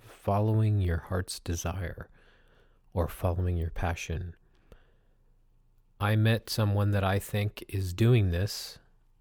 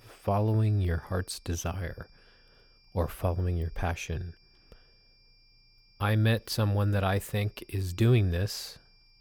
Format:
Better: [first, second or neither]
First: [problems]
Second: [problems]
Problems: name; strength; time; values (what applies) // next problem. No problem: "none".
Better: first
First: none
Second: high-pitched whine; faint; throughout; 5 kHz, 30 dB below the speech